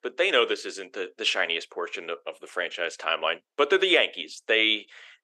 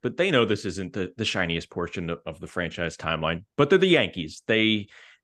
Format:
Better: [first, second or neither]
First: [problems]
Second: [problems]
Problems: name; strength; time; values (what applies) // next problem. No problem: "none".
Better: second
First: thin; very; fading below 400 Hz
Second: none